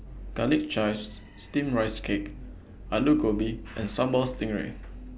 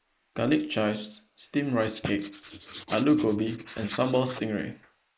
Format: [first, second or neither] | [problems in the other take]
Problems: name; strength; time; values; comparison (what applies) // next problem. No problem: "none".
first | noise reduction (neural mask model Resemble Enhance denoiser)